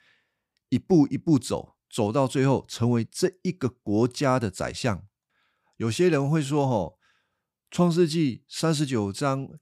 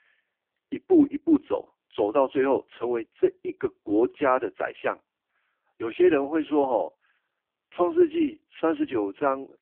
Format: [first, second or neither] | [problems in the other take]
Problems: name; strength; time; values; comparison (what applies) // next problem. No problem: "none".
first | phone-call audio; poor line